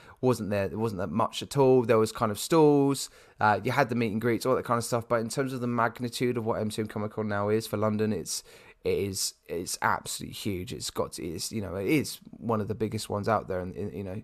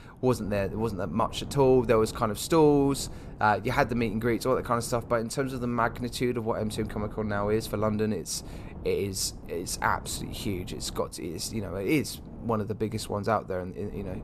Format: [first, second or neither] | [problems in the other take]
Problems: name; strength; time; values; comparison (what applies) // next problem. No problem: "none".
first | wind noise on the microphone; occasional gusts; 20 dB below the speech